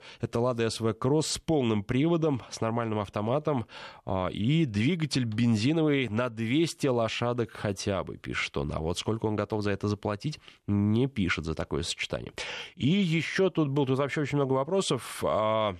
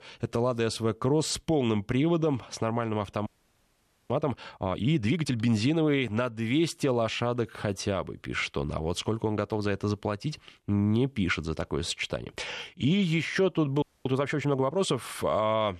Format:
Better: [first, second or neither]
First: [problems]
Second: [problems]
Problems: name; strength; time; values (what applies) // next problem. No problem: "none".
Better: first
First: none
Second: audio freezing; at 3.5 s for 1 s and at 14 s